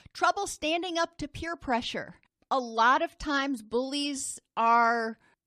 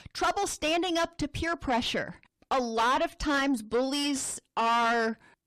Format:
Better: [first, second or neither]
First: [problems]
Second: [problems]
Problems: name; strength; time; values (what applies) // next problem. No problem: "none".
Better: first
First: none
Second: distortion; heavy; 6 dB below the speech